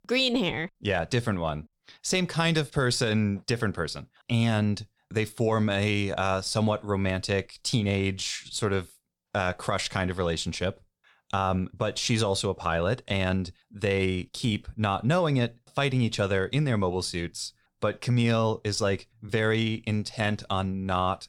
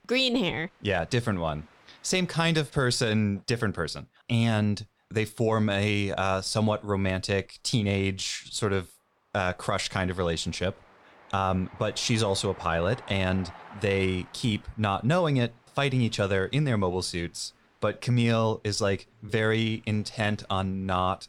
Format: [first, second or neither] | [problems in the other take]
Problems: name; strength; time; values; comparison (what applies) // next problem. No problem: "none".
first | train or aircraft noise; faint; throughout; 25 dB below the speech